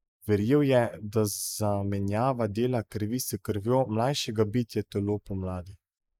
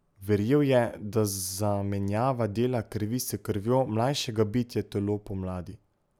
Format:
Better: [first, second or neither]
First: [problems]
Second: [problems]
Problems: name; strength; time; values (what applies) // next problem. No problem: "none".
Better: second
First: noise reduction (neural mask model Resemble Enhance denoiser)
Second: none